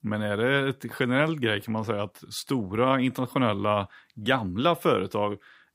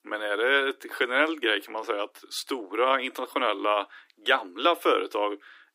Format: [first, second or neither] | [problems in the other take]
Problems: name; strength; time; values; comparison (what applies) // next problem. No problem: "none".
first | thin; very; fading below 300 Hz